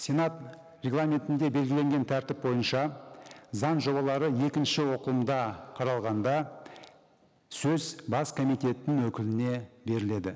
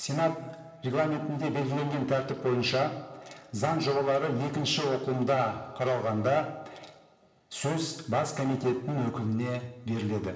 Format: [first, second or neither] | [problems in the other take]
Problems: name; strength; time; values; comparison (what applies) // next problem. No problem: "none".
first | room echo; dies away in 0.8 s